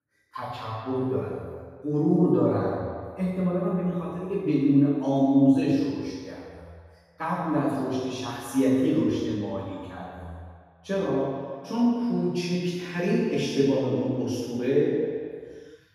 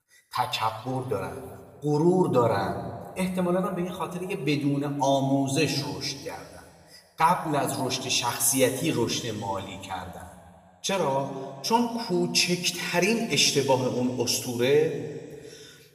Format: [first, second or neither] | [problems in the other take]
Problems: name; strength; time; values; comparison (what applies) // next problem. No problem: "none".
second | room echo; strong; dies away in 1.8 s; slight in the second // off-mic speech; far